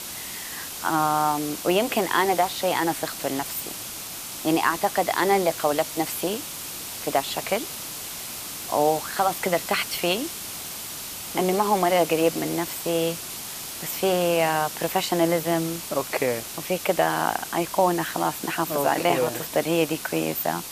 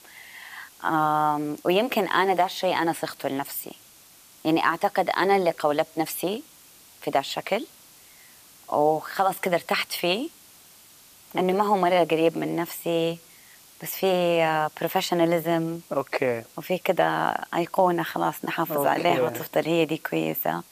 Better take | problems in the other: second | hiss; loud; throughout; 8 dB below the speech; faint in the second

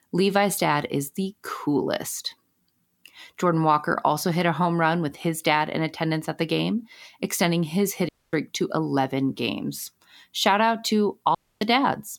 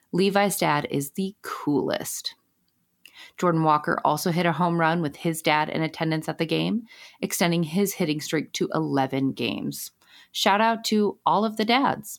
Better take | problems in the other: second | audio cutting out; at 8 s and at 11 s

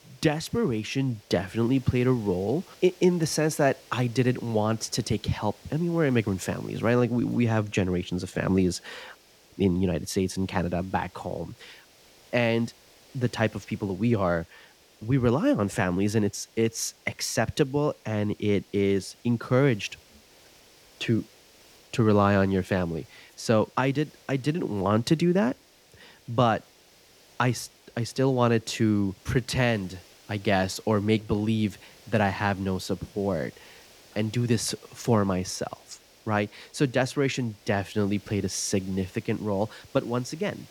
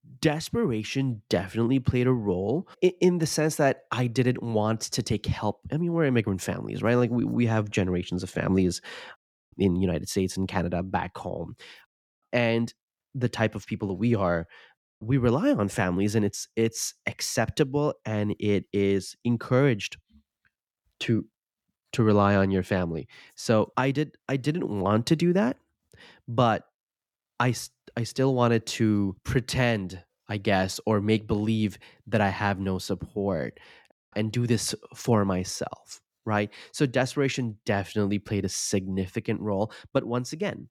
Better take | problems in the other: second | hiss; faint; throughout; 25 dB below the speech

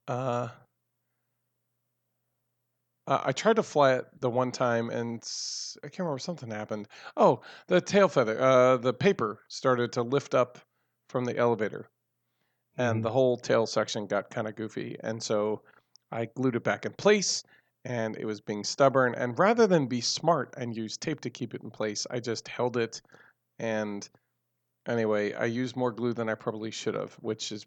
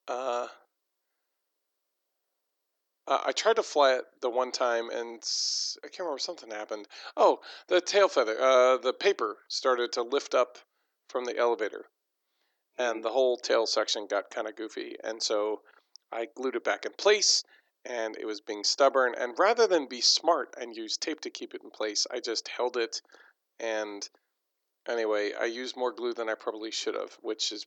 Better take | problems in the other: first | thin; somewhat; fading below 300 Hz

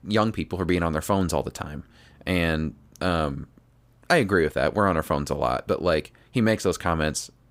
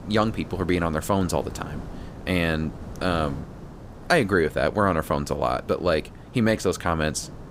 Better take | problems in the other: first | wind noise on the microphone; occasional gusts; 20 dB below the speech

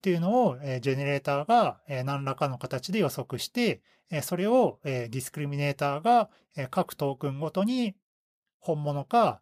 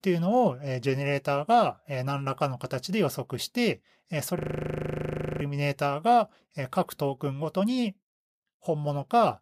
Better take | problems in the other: first | audio freezing; at 4.5 s for 1 s

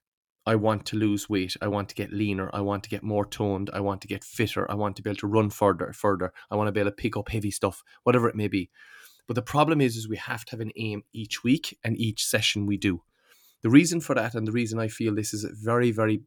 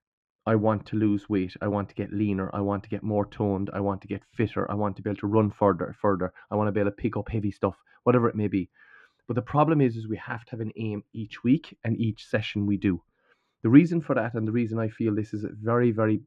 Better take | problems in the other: first | muffled; very; fading above 1.5 kHz

